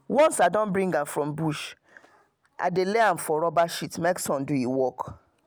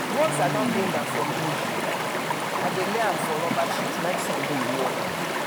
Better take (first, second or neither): first